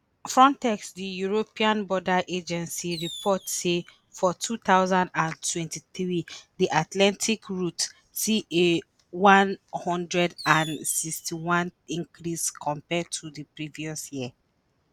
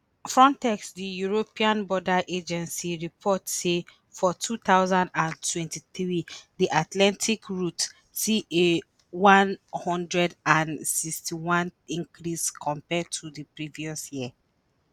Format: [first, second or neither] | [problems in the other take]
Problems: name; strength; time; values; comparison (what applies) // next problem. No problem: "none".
second | background sound (Fireworks); 16 dB below the speech